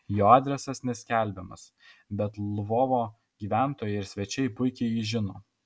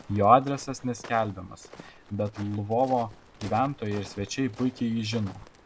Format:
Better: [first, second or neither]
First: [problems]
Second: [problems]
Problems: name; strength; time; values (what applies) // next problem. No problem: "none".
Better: first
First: none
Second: background sound (Walk, footsteps); 19 dB below the speech